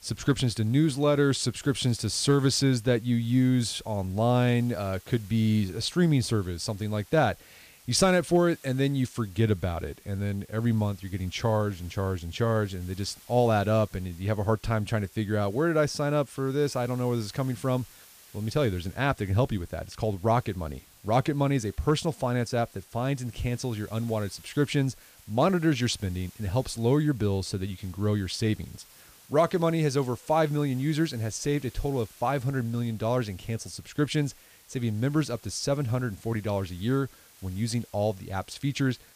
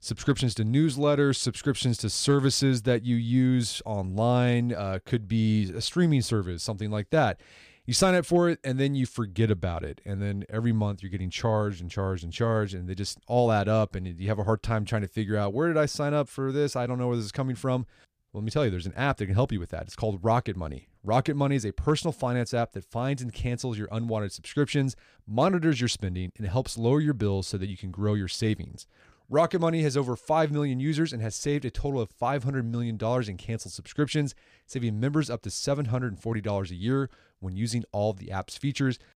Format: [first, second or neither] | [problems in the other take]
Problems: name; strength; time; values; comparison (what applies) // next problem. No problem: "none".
second | hiss; faint; throughout; 25 dB below the speech